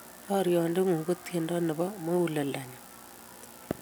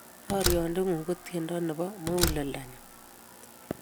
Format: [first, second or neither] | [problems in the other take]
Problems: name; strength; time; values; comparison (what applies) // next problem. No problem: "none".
first | background sound (Slam); 3 dB below the speech